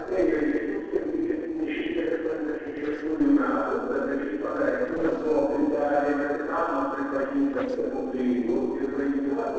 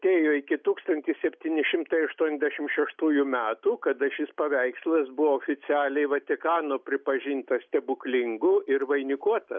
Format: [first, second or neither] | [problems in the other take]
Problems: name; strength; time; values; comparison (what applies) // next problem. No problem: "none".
second | noise reduction (neural separator model SepFormer DNS4)